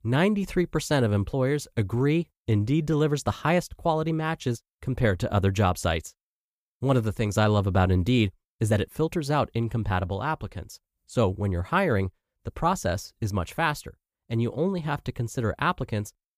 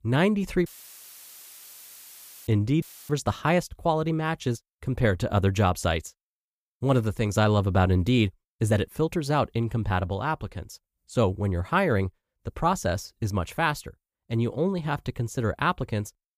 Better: first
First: none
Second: audio cutting out; filled with static; at 0.5 s for 2 s and at 3 s

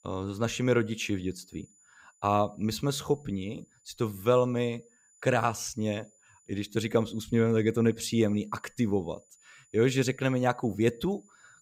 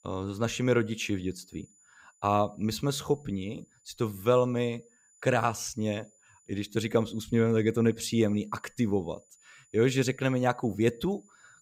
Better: neither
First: high-pitched whine; faint; throughout; 7 kHz, 30 dB below the speech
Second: high-pitched whine; faint; throughout; 7 kHz, 30 dB below the speech

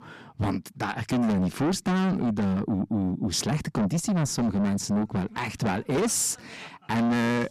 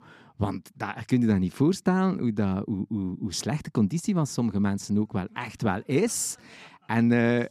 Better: second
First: distortion; heavy; 6 dB below the speech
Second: none

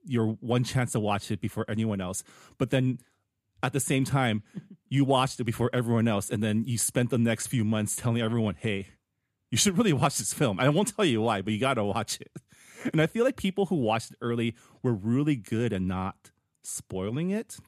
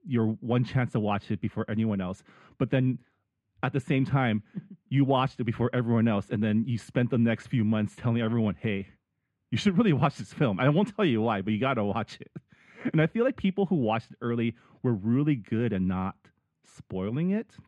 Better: first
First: none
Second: muffled; very; fading above 2.5 kHz

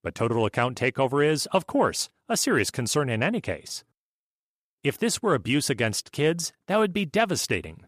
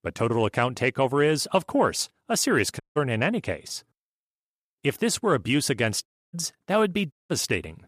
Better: first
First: none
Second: audio cutting out; at 3 s, at 6 s and at 7 s

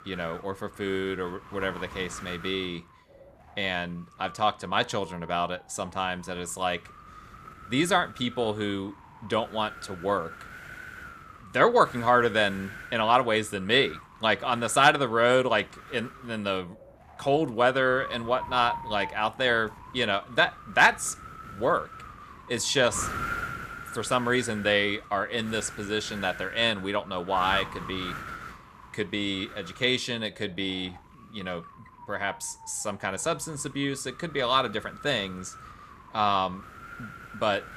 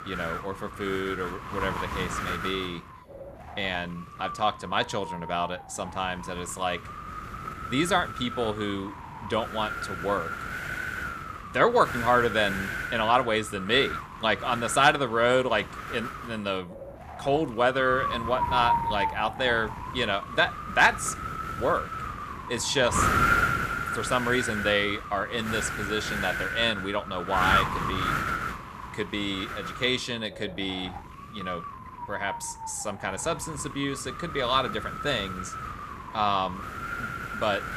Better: first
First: wind noise on the microphone; occasional gusts; 15 dB below the speech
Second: wind noise on the microphone; heavy; 4 dB below the speech

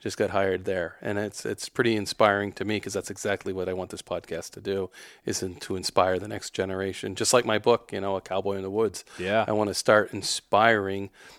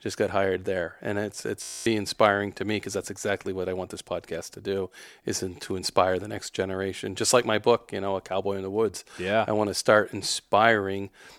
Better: first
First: none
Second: audio freezing; at 1.5 s

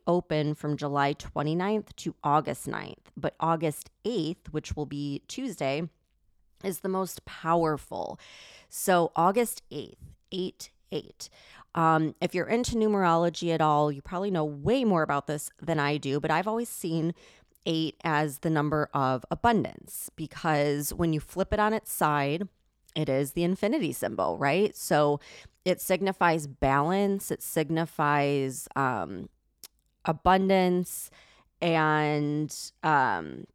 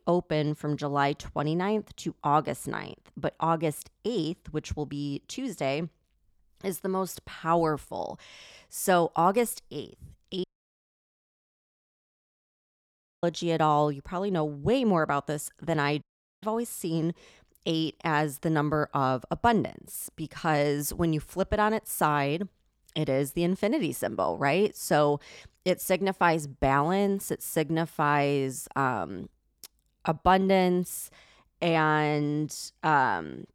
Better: first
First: none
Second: audio cutting out; at 10 s for 3 s and at 16 s

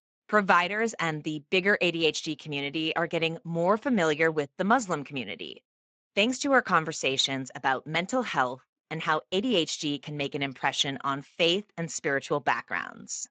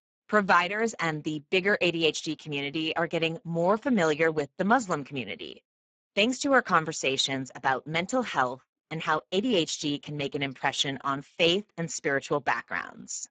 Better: first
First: garbled, watery; slightly; nothing above 7.5 kHz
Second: garbled, watery; badly; nothing above 7.5 kHz

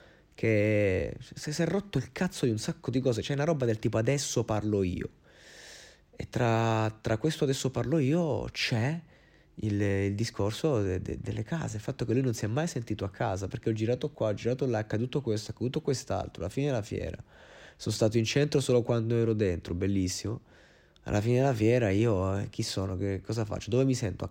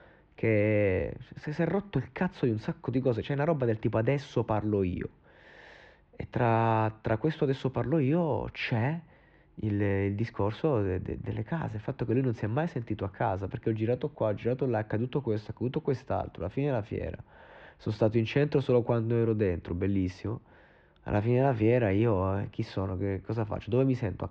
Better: first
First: none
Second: muffled; very; fading above 2.5 kHz

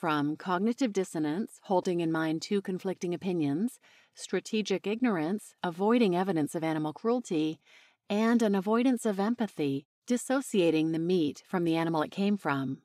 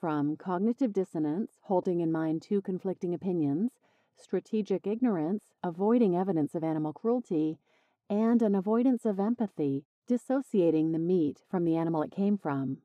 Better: first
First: none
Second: muffled; slightly; fading above 1.5 kHz

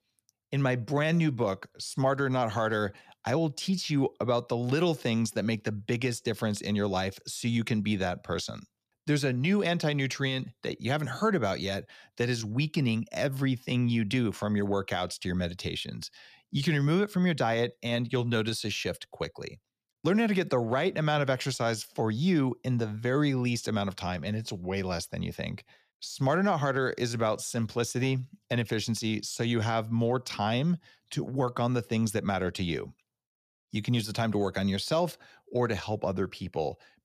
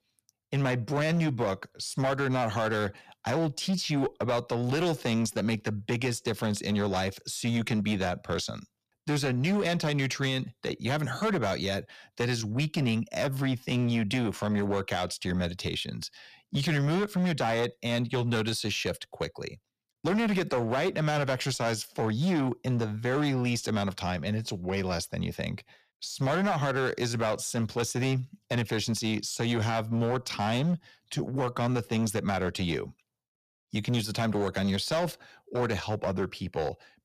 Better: first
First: none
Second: distortion; slight; 12% of the sound clipped

